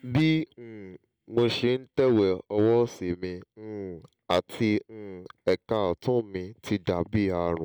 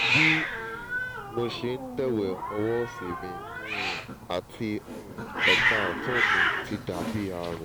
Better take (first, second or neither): first